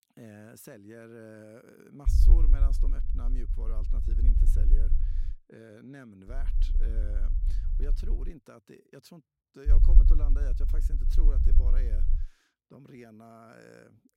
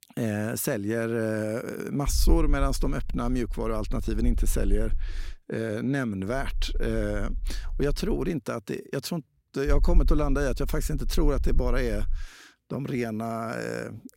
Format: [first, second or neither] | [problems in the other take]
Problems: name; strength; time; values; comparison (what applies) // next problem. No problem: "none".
second | low rumble; loud; from 2 to 5.5 s, from 6.5 to 8.5 s and from 9.5 to 12 s; 2 dB below the speech; faint in the second